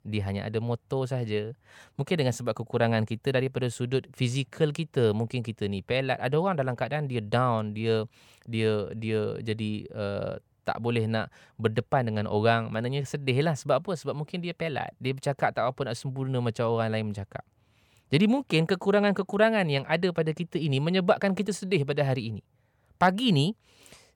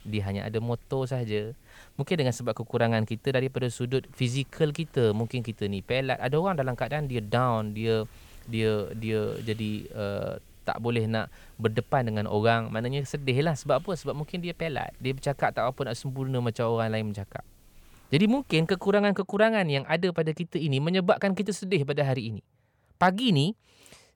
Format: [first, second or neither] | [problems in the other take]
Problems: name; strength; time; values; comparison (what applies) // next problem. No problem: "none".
first | hiss; faint; until 19 s; 30 dB below the speech